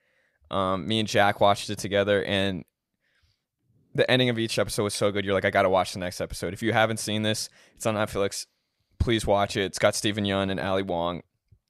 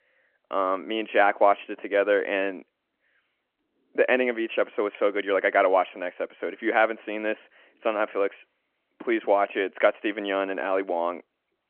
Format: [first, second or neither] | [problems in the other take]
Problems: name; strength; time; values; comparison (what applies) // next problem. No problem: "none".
first | phone-call audio